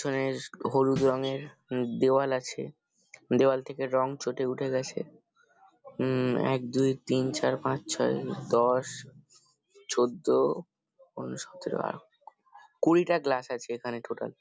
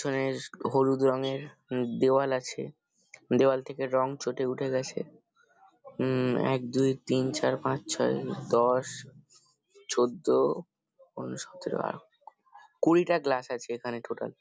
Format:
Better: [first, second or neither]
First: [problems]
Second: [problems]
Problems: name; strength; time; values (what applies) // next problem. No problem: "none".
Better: second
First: background sound (Snare drum); 13 dB below the speech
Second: none